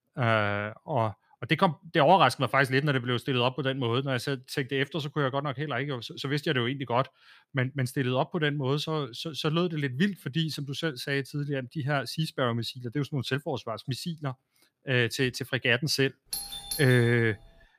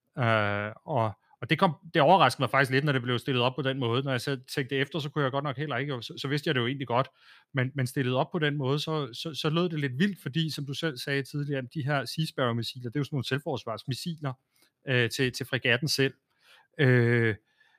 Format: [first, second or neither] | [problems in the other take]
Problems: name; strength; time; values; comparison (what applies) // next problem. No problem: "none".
second | doorbell; noticeable; at 16 s; peak 6 dB below the speech